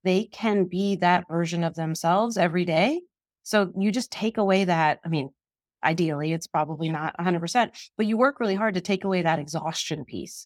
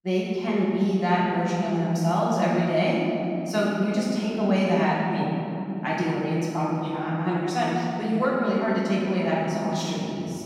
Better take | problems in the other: first | room echo; strong; dies away in 3 s // off-mic speech; far

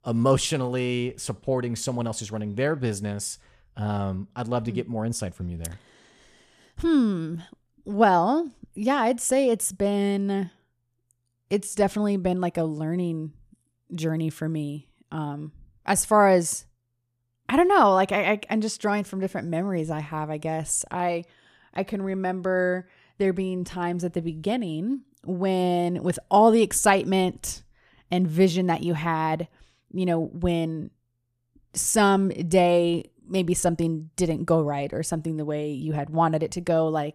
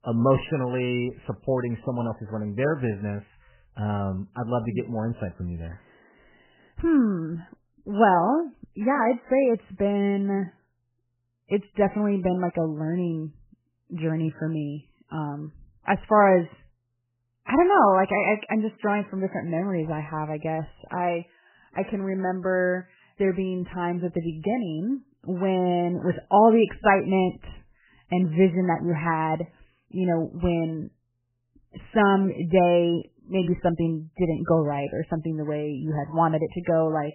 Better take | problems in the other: first | garbled, watery; badly; nothing above 3 kHz

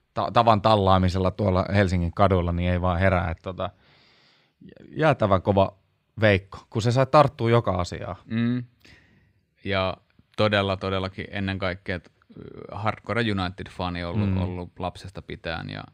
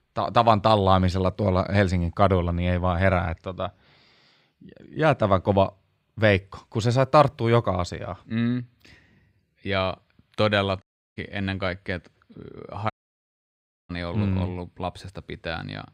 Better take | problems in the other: first | audio cutting out; at 11 s and at 13 s for 1 s

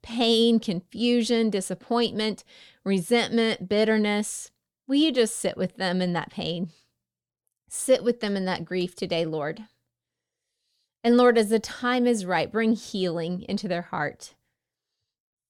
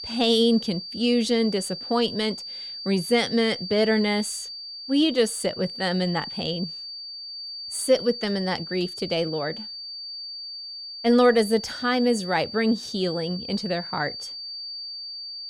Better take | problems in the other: first | high-pitched whine; loud; throughout; 4.5 kHz, 9 dB below the speech

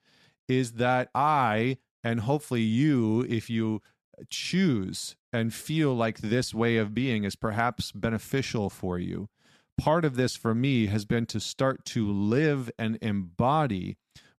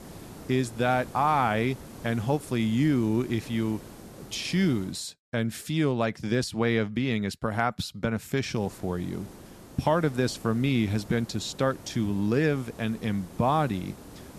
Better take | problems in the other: first | hiss; noticeable; until 5 s and from 8.5 s on; 20 dB below the speech

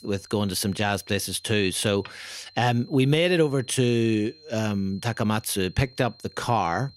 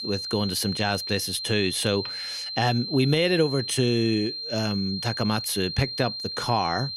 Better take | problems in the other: first | high-pitched whine; loud; throughout; 4 kHz, 5 dB below the speech; faint in the first

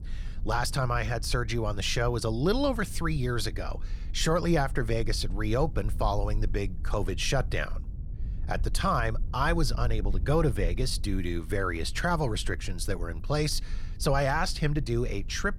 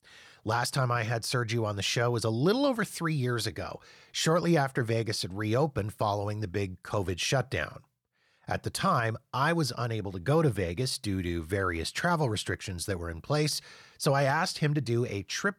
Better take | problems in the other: second | low rumble; faint; throughout; 25 dB below the speech

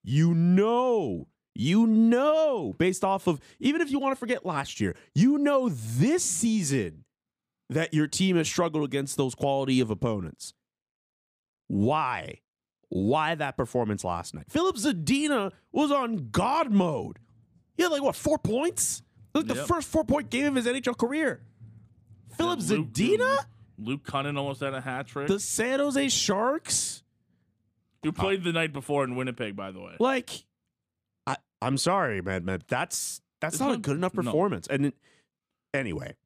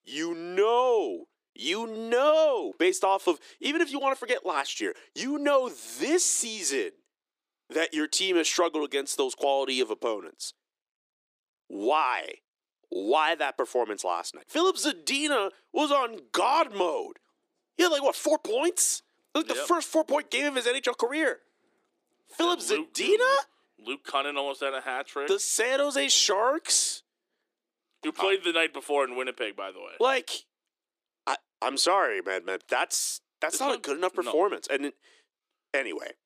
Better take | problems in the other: first | thin; very; fading below 350 Hz

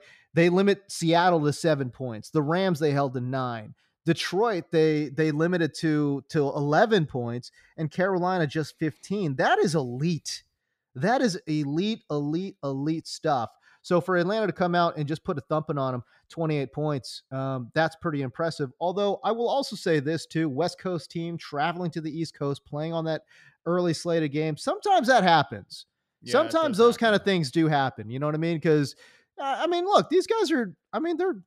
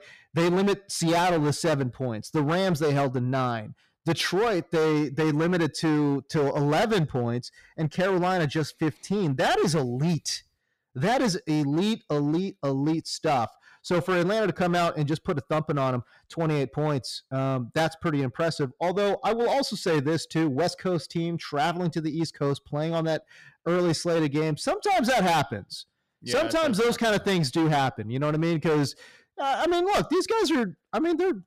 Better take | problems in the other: first | distortion; heavy; 17% of the sound clipped

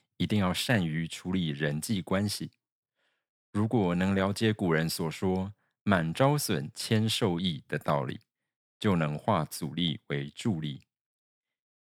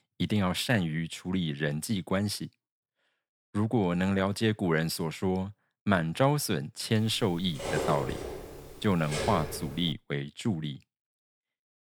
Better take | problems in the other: first | clattering dishes; noticeable; from 7 to 10 s; peak 2 dB below the speech

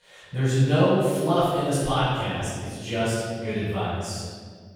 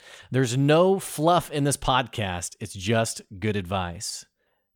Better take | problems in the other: second | room echo; strong; dies away in 1.7 s // off-mic speech; far

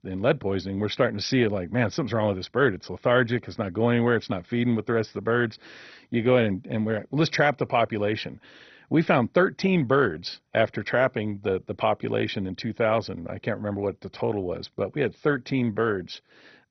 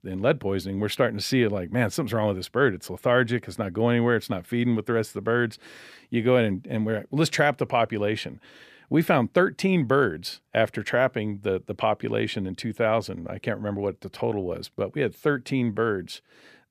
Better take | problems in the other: second | garbled, watery; badly; nothing above 6 kHz

